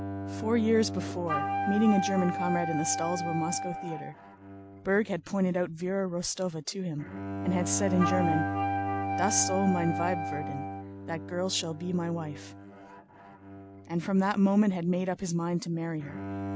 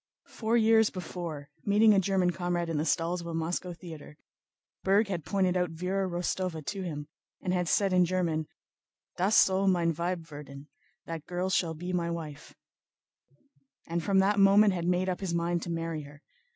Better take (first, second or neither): second